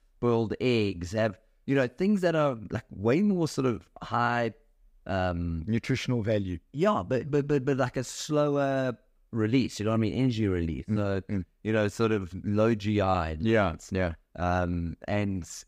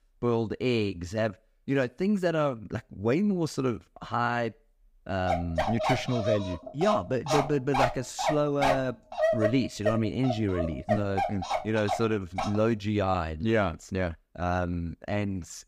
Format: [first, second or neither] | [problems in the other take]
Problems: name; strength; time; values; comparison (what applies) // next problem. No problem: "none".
first | dog barking; loud; from 5.5 to 13 s; peak 3 dB above the speech